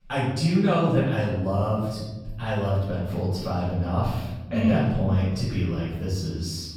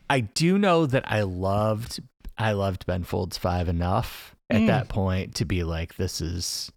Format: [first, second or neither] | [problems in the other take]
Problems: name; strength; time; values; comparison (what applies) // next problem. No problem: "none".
second | off-mic speech; far // room echo; strong; dies away in 1.3 s